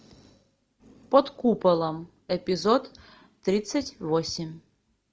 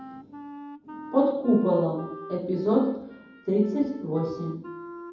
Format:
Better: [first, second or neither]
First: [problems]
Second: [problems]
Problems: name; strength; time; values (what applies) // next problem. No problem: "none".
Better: first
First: none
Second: background sound (Wind instrument, woodwind instrument); 15 dB below the speech // room echo; dies away in 0.9 s